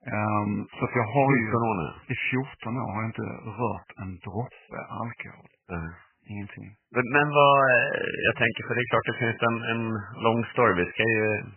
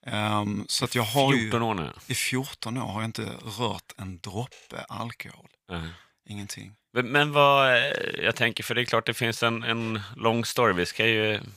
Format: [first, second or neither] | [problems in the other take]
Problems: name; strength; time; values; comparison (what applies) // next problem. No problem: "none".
second | garbled, watery; badly; nothing above 3 kHz